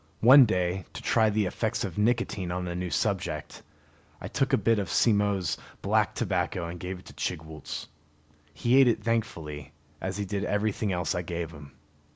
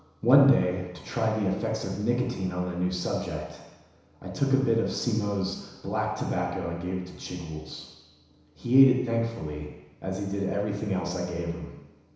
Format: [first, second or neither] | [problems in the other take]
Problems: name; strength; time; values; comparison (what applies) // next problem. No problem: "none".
first | room echo; dies away in 1 s